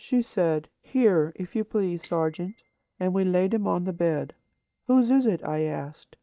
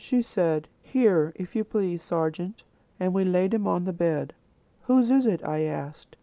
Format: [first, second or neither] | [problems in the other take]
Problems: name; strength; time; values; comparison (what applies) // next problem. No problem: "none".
second | noise reduction (neural mask model DeepFilterNet 3)